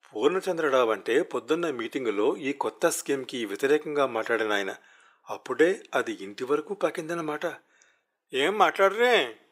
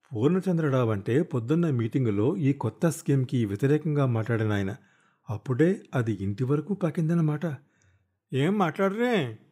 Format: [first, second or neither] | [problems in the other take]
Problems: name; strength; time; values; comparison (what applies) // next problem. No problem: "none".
second | thin; very; fading below 450 Hz